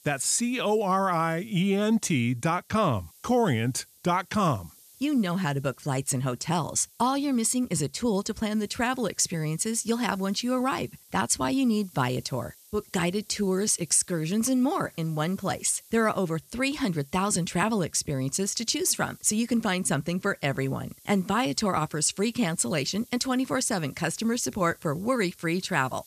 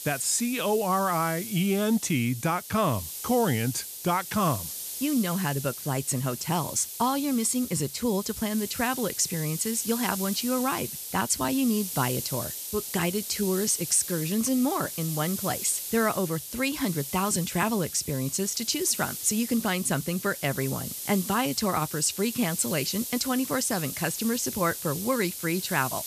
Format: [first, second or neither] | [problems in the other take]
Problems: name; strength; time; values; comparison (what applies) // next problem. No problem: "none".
first | hiss; loud; throughout; 7 dB below the speech; faint in the first